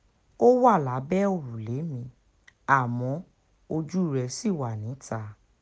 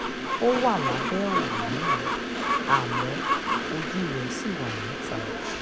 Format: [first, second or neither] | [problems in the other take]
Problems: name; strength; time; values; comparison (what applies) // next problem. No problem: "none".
first | background sound (Train + Chicken, rooster); 3 dB above the speech